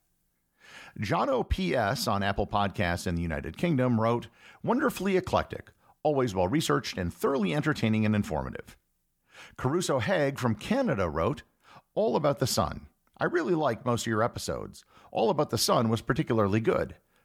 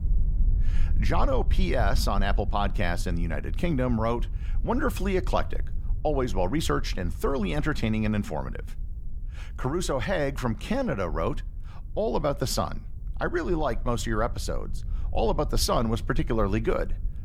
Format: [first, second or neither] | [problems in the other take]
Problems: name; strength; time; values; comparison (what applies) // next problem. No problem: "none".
first | low rumble; faint; throughout; 25 dB below the speech